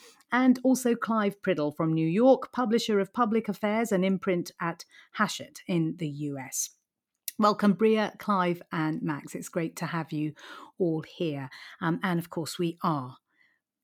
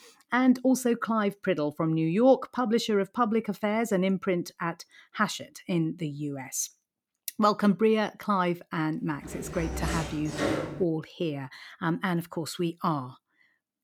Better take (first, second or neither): first